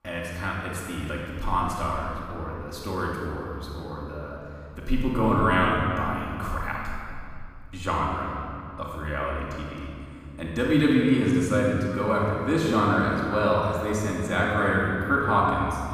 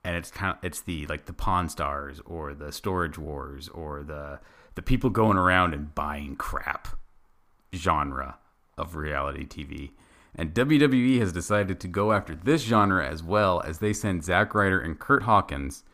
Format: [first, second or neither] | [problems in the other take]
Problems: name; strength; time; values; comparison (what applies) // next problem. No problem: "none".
second | off-mic speech; far // room echo; strong; dies away in 2.3 s